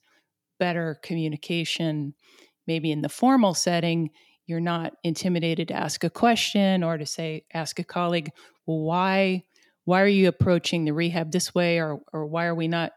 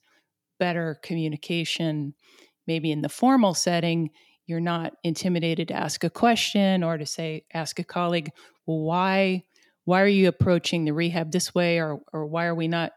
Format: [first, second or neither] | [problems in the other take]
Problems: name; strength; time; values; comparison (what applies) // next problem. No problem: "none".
neither | none